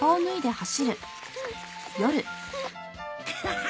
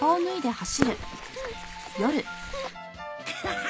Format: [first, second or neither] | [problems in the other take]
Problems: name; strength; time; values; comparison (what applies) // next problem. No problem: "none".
first | background sound (Fireworks); 7 dB below the speech